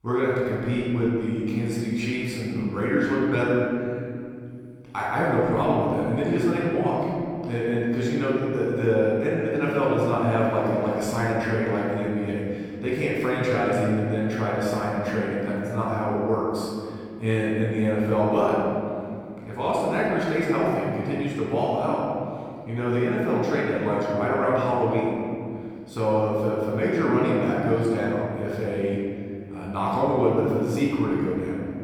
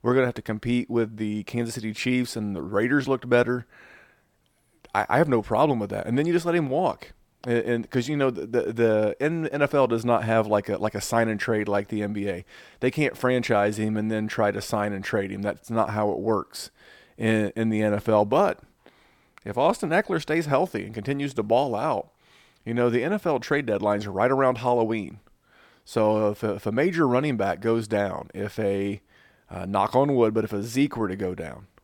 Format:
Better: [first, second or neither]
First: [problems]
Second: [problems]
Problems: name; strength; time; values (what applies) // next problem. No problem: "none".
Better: second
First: off-mic speech; far // room echo; strong; dies away in 2.6 s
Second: none